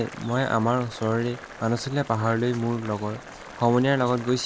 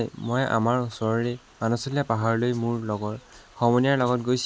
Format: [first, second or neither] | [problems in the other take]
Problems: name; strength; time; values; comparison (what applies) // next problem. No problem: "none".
second | background sound (Boiling); 16 dB below the speech